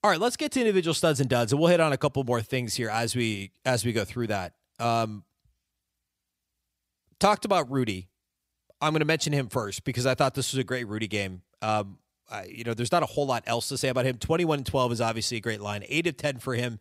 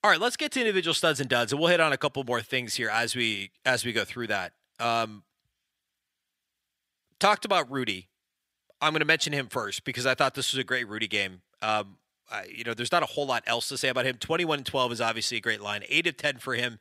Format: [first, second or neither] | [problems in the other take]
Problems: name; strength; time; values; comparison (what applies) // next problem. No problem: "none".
first | thin; very slightly; fading below 250 Hz